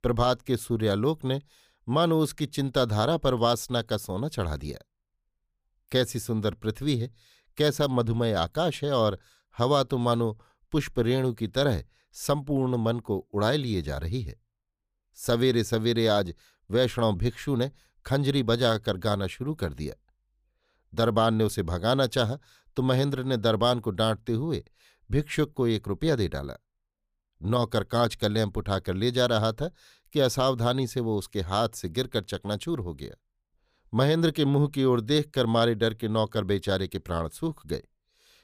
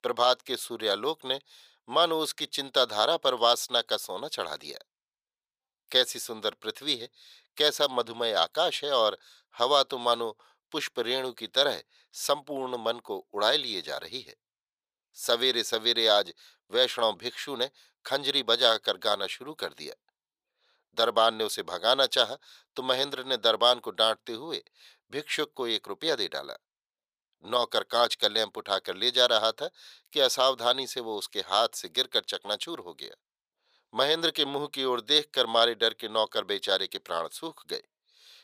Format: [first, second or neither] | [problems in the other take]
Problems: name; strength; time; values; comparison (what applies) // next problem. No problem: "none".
first | thin; very; fading below 650 Hz